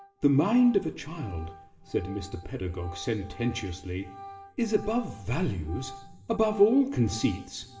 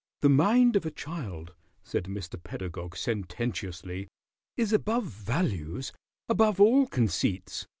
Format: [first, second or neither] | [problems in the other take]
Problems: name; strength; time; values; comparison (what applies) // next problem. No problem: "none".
second | background sound (Organ); 19 dB below the speech // room echo; dies away in 2.3 s